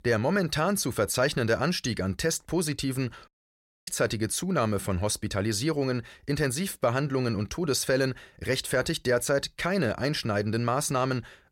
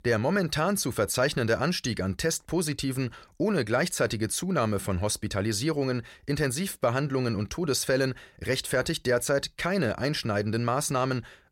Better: second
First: audio cutting out; at 3.5 s for 0.5 s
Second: none

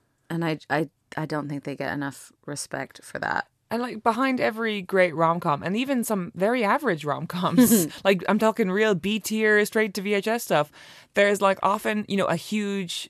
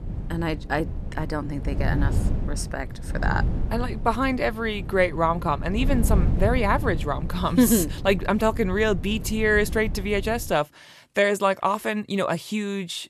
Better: first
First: none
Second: wind noise on the microphone; occasional gusts; until 10 s; 15 dB below the speech

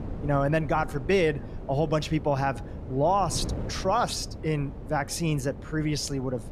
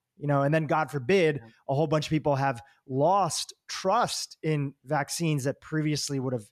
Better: second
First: wind noise on the microphone; occasional gusts; 15 dB below the speech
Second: none

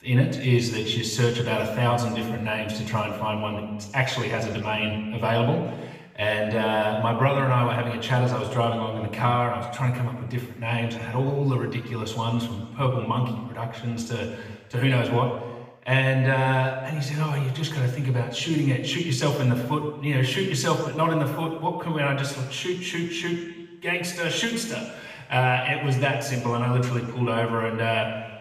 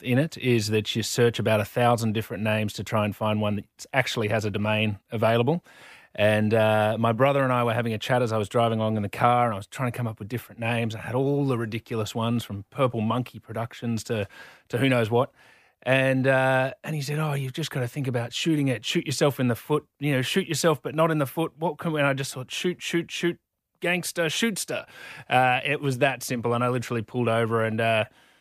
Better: second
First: room echo; noticeable; dies away in 1.1 s // off-mic speech; far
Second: none

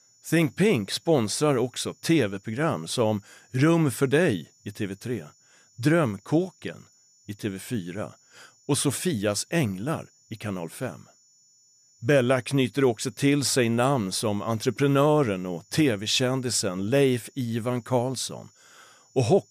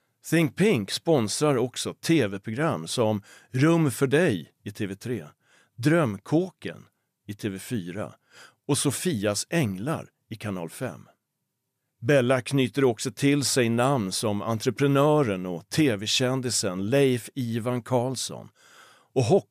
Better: second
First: high-pitched whine; faint; throughout; 7 kHz, 30 dB below the speech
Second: none

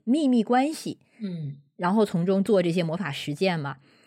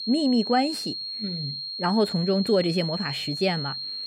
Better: first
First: none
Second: high-pitched whine; loud; throughout; 4.5 kHz, 5 dB below the speech

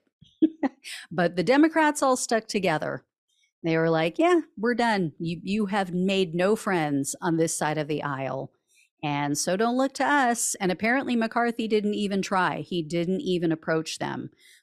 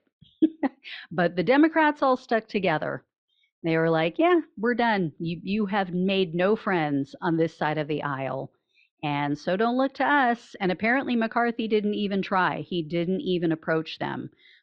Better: first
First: none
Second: muffled; slightly; fading above 4 kHz

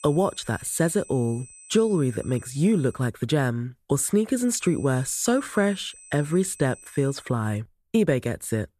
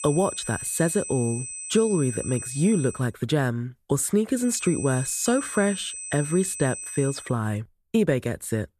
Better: first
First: high-pitched whine; faint; until 3 s and from 4.5 to 7 s; 8 kHz, 20 dB below the speech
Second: high-pitched whine; loud; until 3 s and from 4.5 to 7 s; 8 kHz, 8 dB below the speech

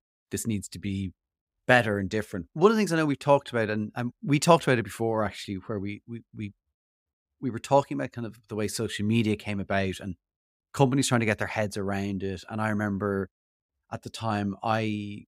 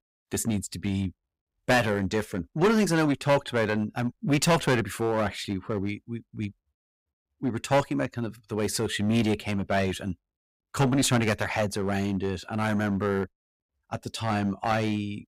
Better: first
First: none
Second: distortion; heavy; 7% of the sound clipped

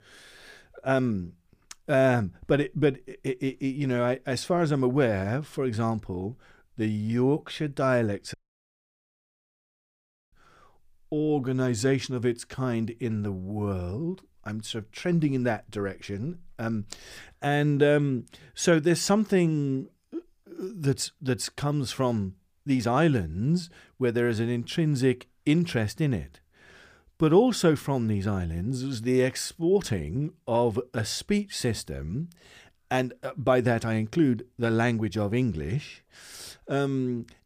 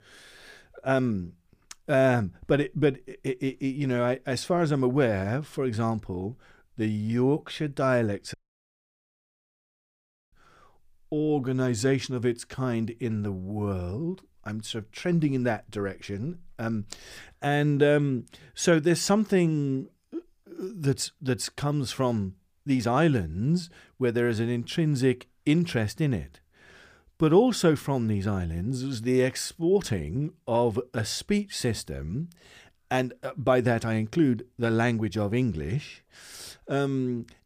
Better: neither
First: audio cutting out; at 8.5 s for 2 s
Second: audio cutting out; at 8.5 s for 2 s

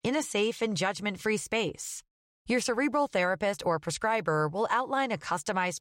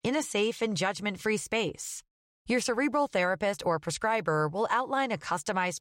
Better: neither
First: none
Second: none

